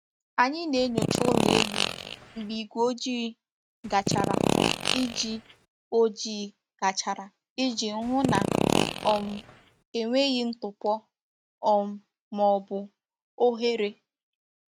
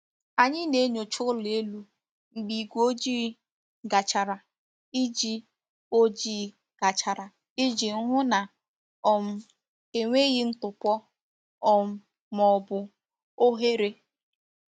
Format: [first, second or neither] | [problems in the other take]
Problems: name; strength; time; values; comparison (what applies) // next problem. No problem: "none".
second | noise reduction (neural mask model RNNoise)